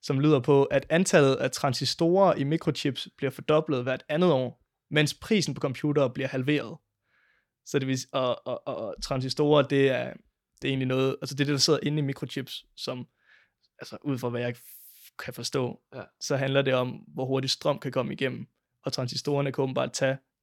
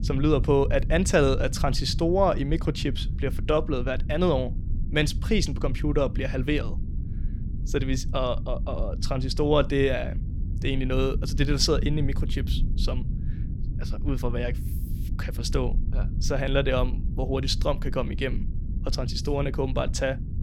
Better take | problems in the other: first | low rumble; noticeable; throughout; 15 dB below the speech

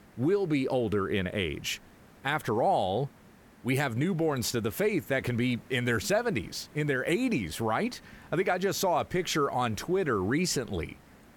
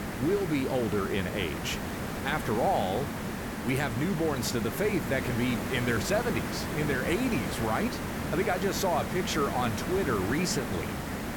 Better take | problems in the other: first | hiss; loud; throughout; 3 dB below the speech; faint in the first

